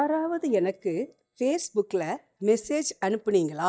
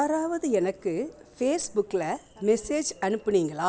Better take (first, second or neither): second